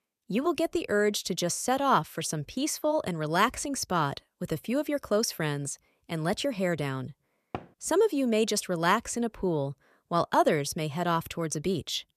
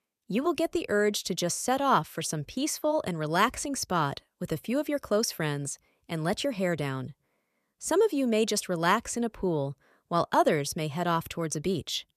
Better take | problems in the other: second | door banging; faint; at 7.5 s; peak 15 dB below the speech

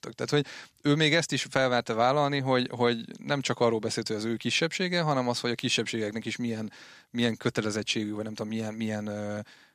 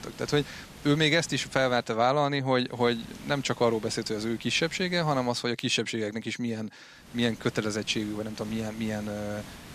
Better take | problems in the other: first | hiss; noticeable; until 2 s, from 2.5 to 5.5 s and from 7 s on; 20 dB below the speech

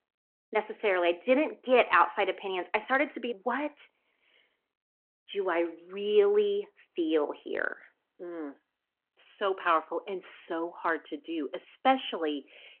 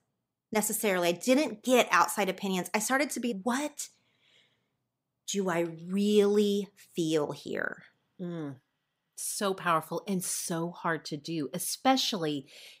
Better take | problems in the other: second | phone-call audio

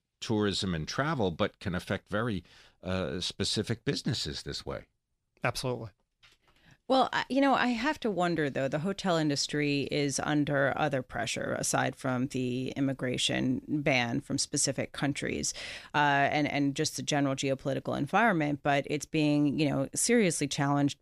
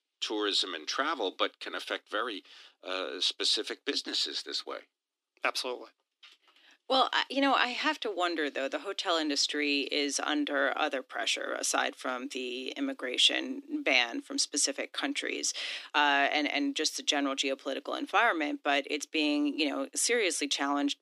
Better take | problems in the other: first | thin; very slightly; fading below 250 Hz

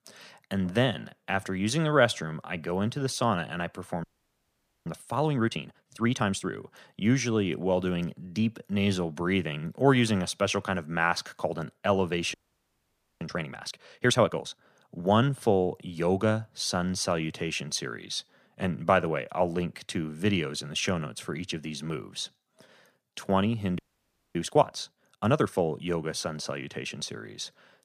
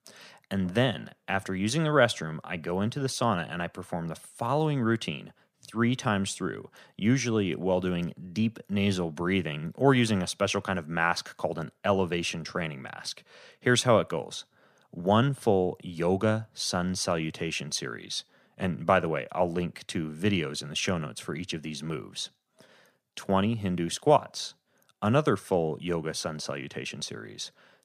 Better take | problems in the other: second | audio freezing; at 4 s for 1 s, at 12 s for 1 s and at 24 s for 0.5 s

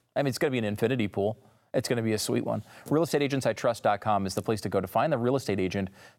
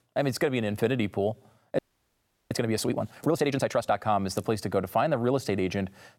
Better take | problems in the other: first | audio freezing; at 2 s for 0.5 s

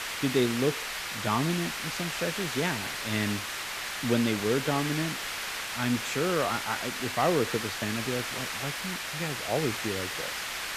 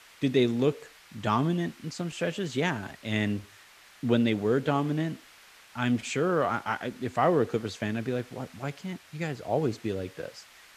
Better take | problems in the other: second | hiss; loud; throughout; 2 dB below the speech; faint in the second

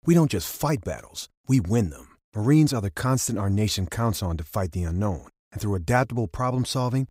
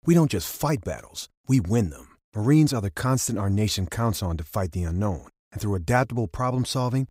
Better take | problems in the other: neither | none

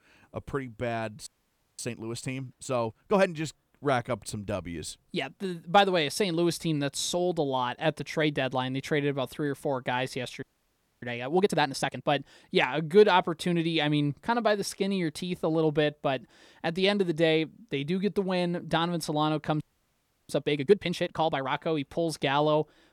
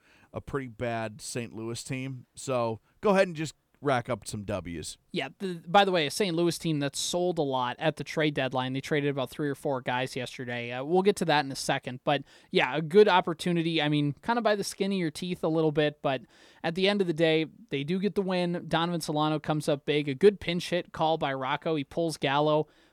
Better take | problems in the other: second | audio freezing; at 1.5 s for 0.5 s, at 10 s for 0.5 s and at 20 s for 0.5 s

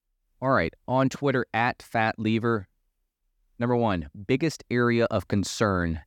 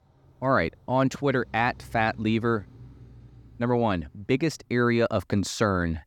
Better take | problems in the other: first | traffic noise; faint; throughout; 25 dB below the speech

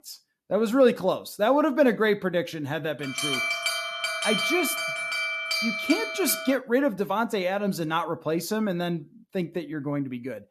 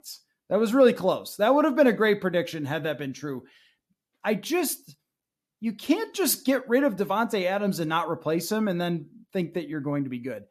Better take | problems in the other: second | alarm; loud; from 3 to 6.5 s; peak 2 dB above the speech

